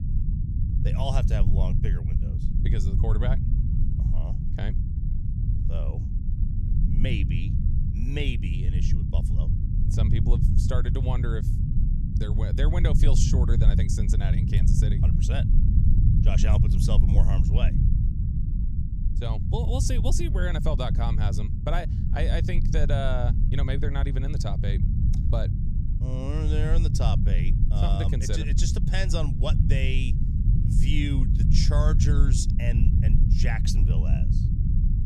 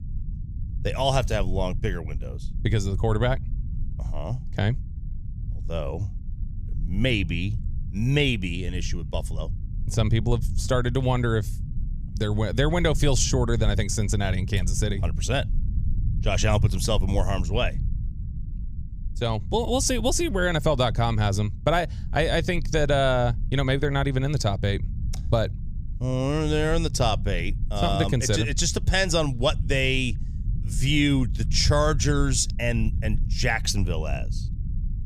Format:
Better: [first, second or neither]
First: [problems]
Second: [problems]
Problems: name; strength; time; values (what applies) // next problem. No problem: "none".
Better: second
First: low rumble; loud; throughout; 4 dB below the speech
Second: low rumble; faint; throughout; 20 dB below the speech